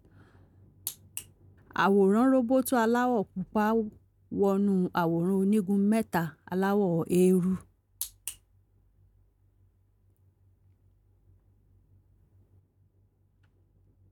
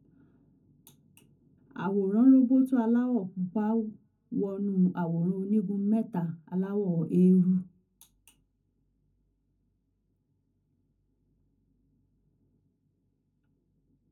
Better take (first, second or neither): first